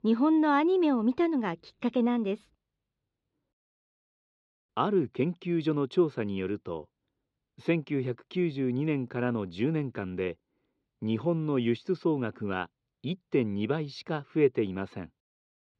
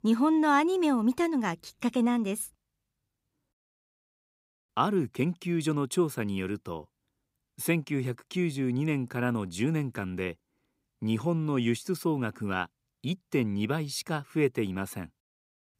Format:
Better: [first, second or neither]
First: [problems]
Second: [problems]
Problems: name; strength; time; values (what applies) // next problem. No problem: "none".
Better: second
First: muffled; slightly; fading above 4 kHz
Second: none